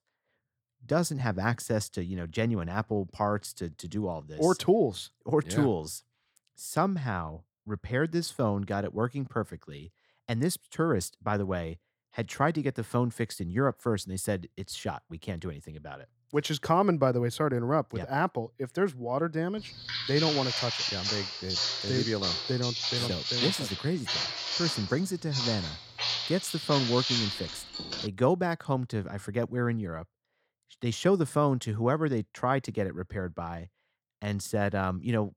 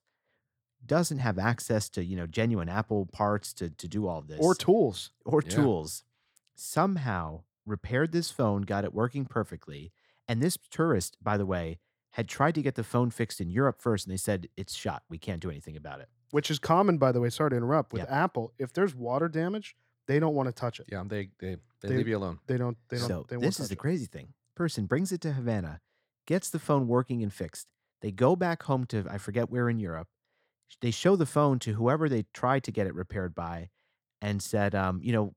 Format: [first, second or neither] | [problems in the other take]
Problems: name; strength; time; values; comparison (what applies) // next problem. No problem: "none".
second | footsteps; loud; from 20 to 28 s; peak 3 dB above the speech